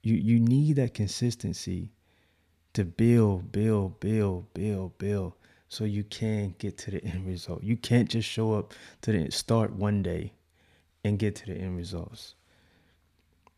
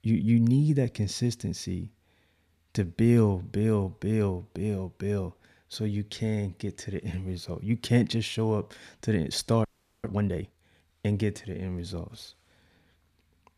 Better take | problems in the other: first | audio freezing; at 9.5 s

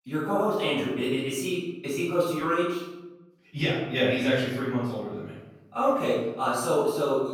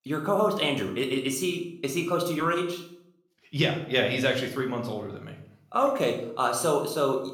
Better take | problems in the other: second | room echo; strong; dies away in 0.8 s; slight in the second // off-mic speech; far; somewhat distant in the second

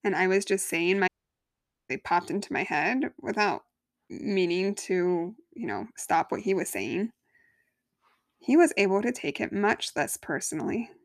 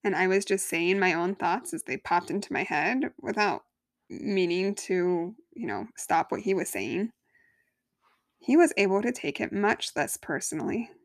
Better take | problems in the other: second | audio cutting out; at 1 s for 1 s

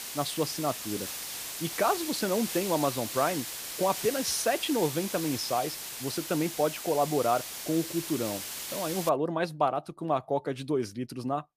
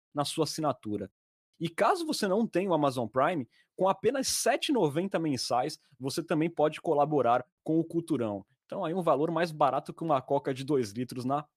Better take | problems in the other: second | hiss; loud; until 9 s; 5 dB below the speech

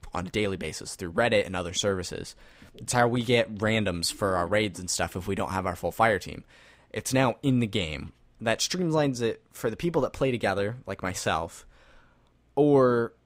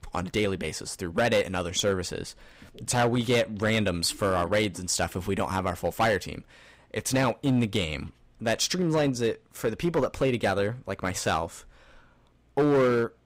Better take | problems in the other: first | distortion; slight; 5% of the sound clipped

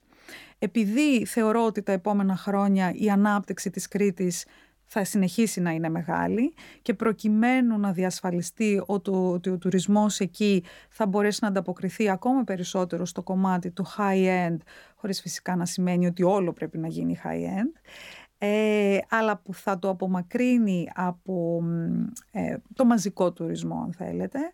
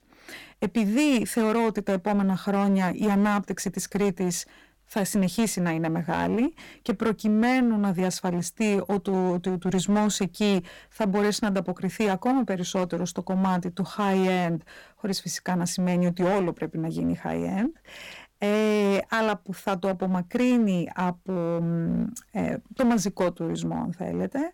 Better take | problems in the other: first | distortion; slight; 13% of the sound clipped

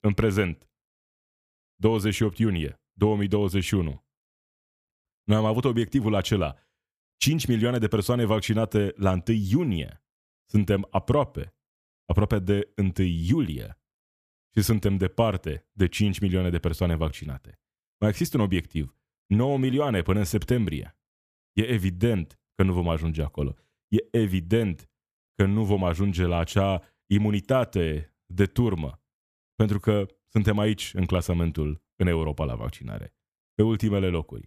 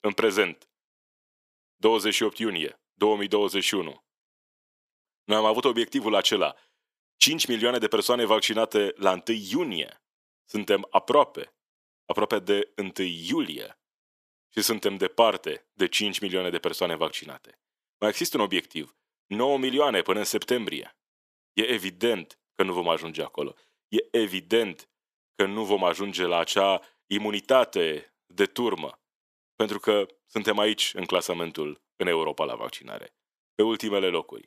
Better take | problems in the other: first | thin; very; fading below 350 Hz

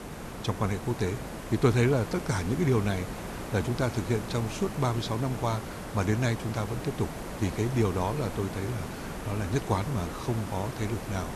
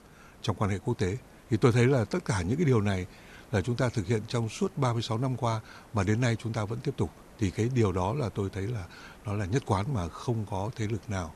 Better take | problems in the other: second | hiss; loud; throughout; 8 dB below the speech; faint in the second

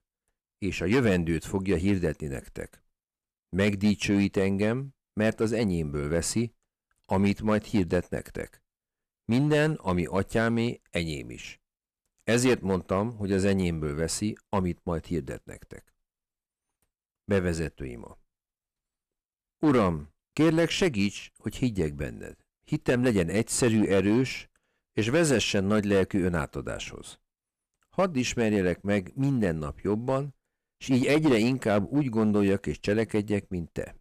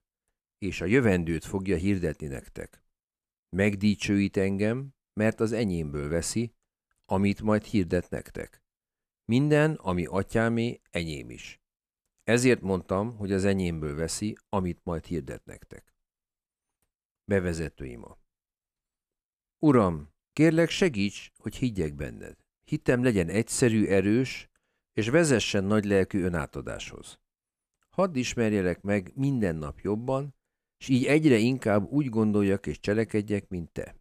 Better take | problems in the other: second | distortion; slight; 5% of the sound clipped

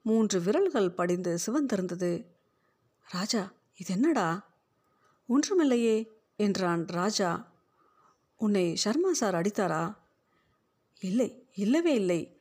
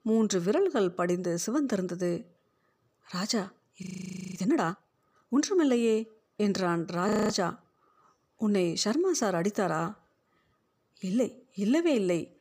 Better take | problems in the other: first | audio freezing; at 4 s for 0.5 s and at 7 s

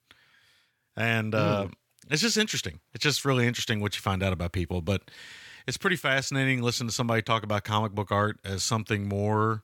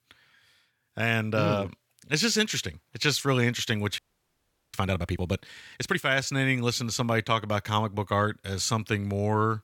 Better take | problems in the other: first | audio freezing; at 4 s for 1 s

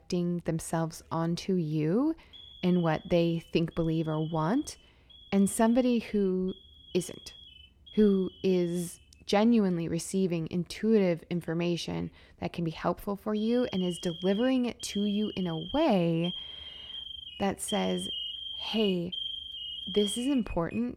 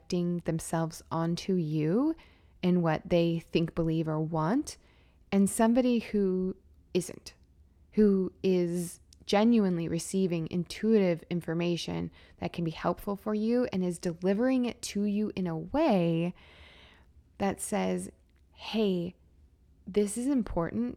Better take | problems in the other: second | alarms or sirens; noticeable; throughout; 10 dB below the speech

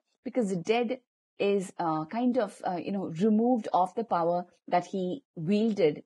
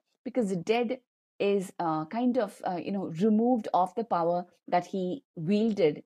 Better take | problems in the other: second | garbled, watery; badly; nothing above 10.5 kHz; slightly in the second

